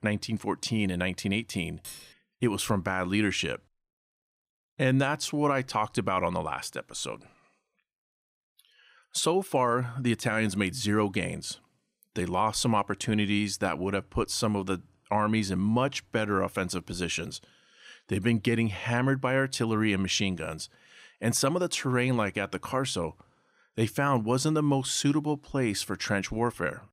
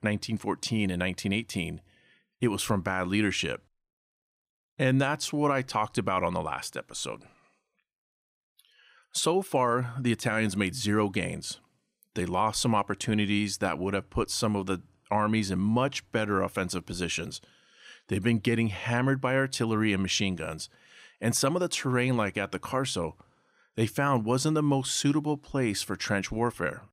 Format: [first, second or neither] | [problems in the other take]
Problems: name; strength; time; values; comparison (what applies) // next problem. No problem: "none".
second | clattering dishes; faint; at 2 s; peak 15 dB below the speech